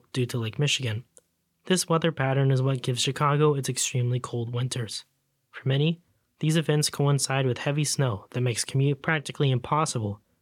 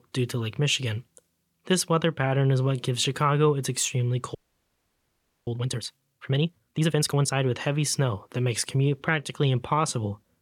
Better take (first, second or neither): first